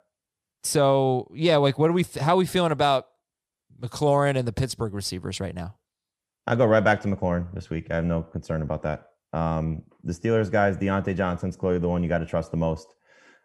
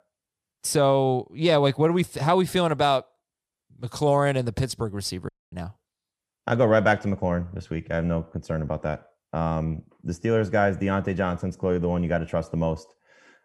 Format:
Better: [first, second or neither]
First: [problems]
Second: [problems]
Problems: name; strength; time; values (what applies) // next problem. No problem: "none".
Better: first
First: none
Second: audio cutting out; at 5.5 s